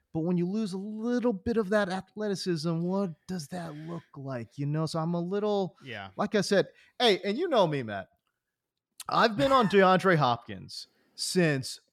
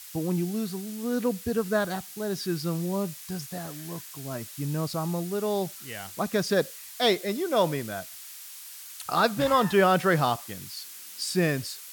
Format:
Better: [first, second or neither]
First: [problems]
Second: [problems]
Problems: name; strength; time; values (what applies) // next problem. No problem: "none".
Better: first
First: none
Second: hiss; noticeable; throughout; 15 dB below the speech